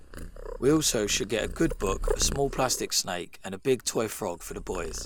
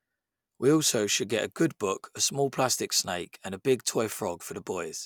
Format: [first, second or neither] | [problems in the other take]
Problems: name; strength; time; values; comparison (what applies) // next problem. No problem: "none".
second | background sound (Purr); 7 dB below the speech